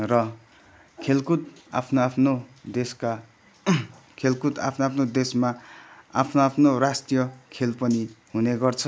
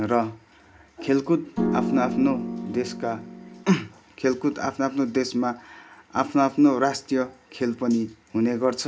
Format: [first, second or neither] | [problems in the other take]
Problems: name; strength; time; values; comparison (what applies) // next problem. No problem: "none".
first | background sound (Piano); 3 dB below the speech // room echo; dies away in 0.3 s